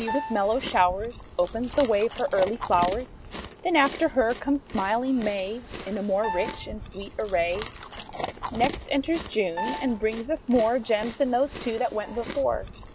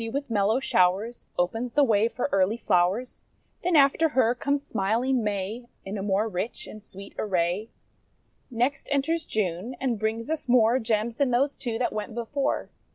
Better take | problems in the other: second | background sound (Piano + Chewing, mastication); 11 dB below the speech

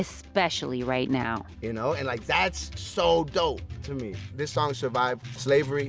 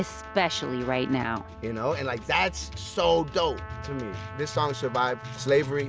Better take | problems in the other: first | background sound (Trumpet); 17 dB below the speech

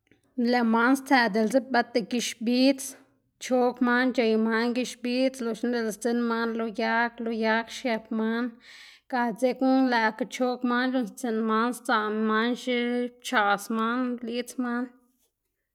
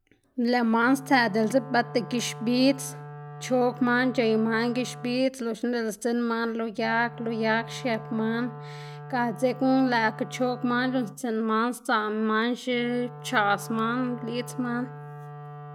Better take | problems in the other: first | background sound (Wind instrument, woodwind instrument); 15 dB below the speech

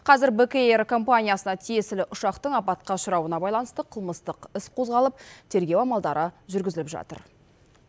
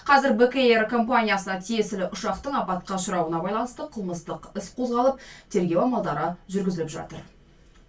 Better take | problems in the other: first | room echo; dies away in 0.1 s

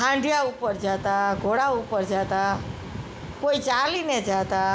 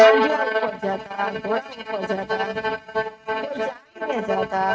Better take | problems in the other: first | noise reduction (neural mask model RNNoise)

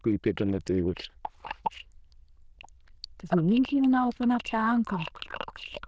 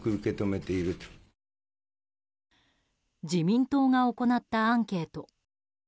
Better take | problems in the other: second | noise reduction (neural diffusion model UNIVERSE++)

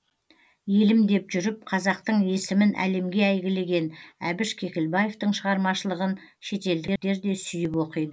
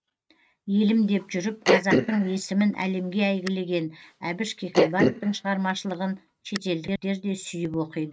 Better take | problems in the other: first | noise reduction (neural mask model RNNoise)

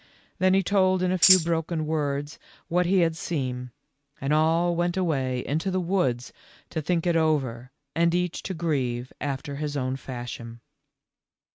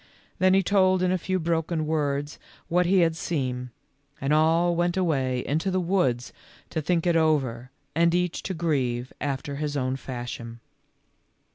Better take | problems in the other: second | noise reduction (neural mask model RNNoise)

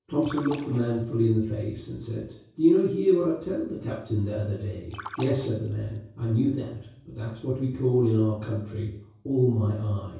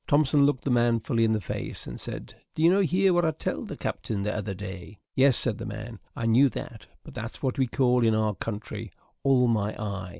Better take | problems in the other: second | background sound (Splash, splatter); 16 dB below the speech // room echo; dies away in 0.6 s

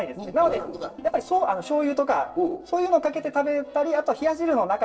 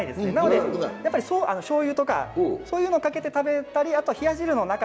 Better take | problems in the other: second | noise reduction (neural separator model SepFormer DNS4)

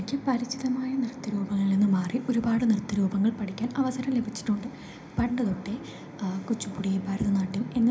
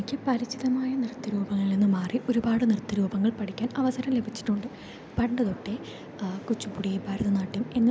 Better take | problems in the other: second | room echo; dies away in 0.4 s

